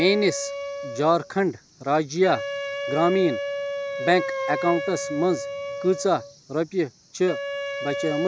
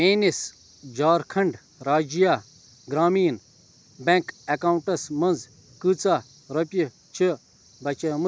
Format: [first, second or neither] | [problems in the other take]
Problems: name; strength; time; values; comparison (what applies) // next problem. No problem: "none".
second | background sound (Wind instrument, woodwind instrument); 6 dB below the speech